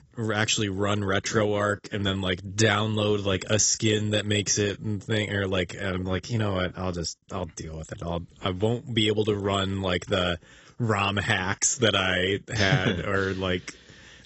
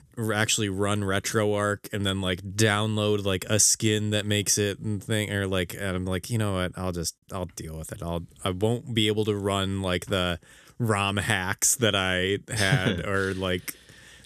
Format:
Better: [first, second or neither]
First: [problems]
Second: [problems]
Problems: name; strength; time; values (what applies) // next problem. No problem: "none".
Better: second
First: garbled, watery; badly; nothing above 8 kHz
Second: none